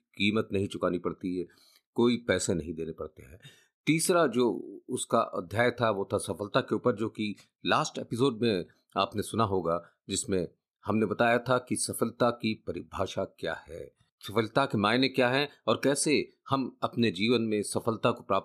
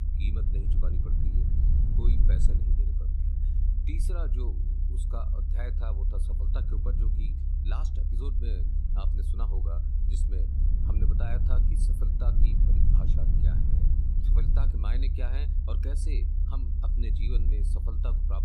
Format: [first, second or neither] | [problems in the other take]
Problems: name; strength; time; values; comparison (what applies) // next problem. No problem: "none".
first | low rumble; loud; throughout; 1 dB below the speech